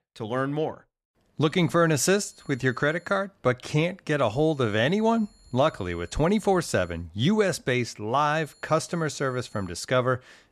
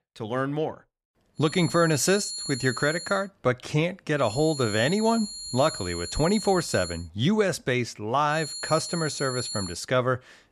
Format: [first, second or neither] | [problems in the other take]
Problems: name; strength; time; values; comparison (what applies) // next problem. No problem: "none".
first | high-pitched whine; loud; from 1.5 to 3 s, from 4.5 to 7 s and from 8.5 to 9.5 s; 4.5 kHz, 8 dB below the speech; faint in the first